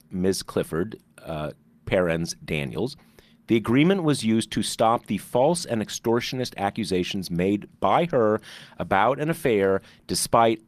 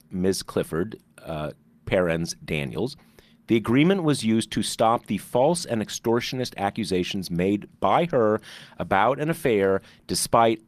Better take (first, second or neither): neither